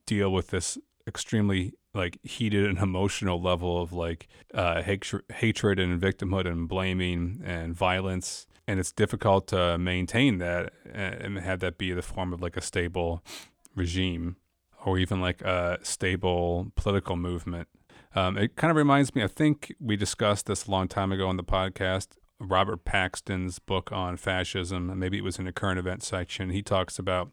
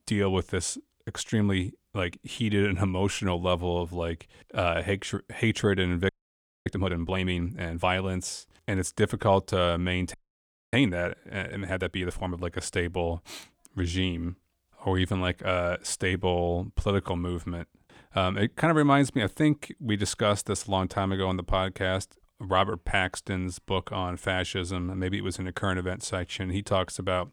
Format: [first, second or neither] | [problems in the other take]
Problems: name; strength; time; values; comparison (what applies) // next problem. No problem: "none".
first | audio freezing; at 6 s for 0.5 s and at 10 s for 0.5 s